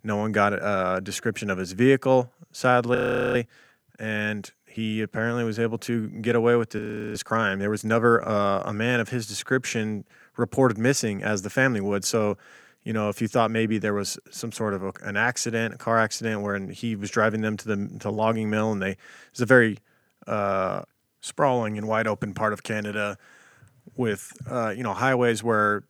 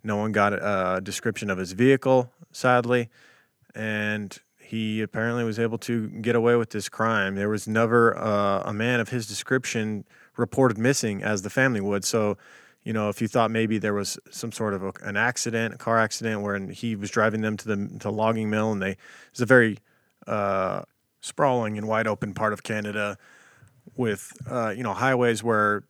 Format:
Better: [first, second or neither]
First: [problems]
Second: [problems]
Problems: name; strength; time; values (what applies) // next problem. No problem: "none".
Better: second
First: audio freezing; at 3 s and at 7 s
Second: none